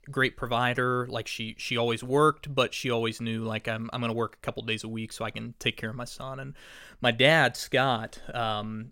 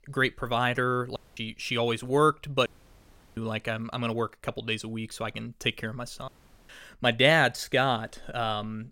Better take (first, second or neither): first